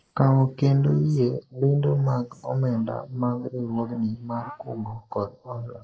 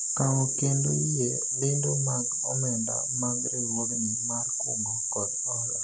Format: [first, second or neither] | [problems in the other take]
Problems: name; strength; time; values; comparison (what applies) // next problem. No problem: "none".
second | noise reduction (neural mask model Resemble Enhance denoiser)